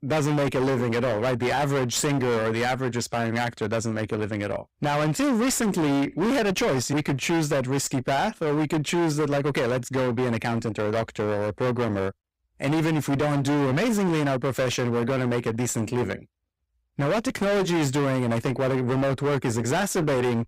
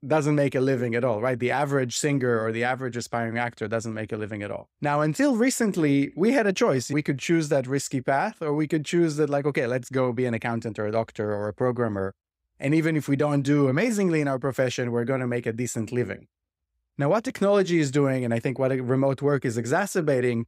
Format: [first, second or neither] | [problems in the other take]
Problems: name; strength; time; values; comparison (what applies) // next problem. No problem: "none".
second | distortion; heavy; 32% of the sound clipped